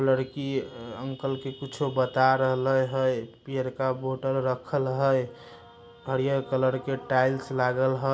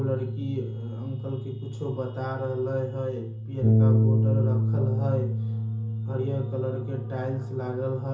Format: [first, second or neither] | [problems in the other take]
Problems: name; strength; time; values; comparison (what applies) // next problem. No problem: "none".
first | background sound (Bass guitar); 5 dB above the speech // room echo; dies away in 0.6 s